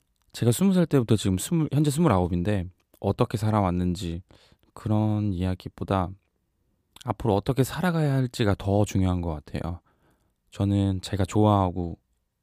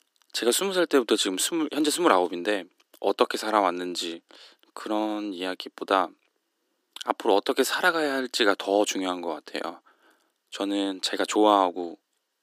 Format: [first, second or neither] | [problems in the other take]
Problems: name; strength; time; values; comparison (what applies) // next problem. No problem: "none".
first | thin; very; fading below 300 Hz